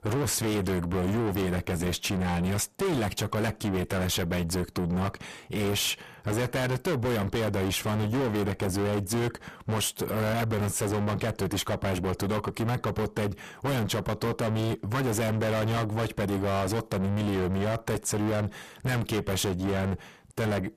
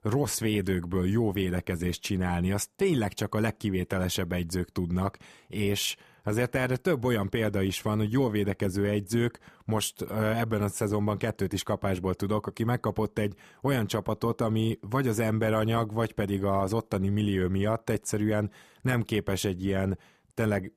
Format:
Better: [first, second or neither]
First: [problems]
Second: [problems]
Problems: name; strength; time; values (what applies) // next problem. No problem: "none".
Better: second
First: distortion; heavy; 5 dB below the speech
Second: none